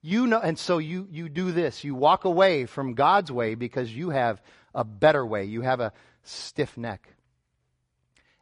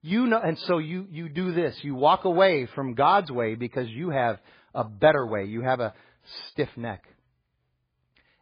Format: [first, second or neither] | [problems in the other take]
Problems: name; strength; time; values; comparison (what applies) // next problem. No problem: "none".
first | garbled, watery; badly; nothing above 4.5 kHz; slightly in the first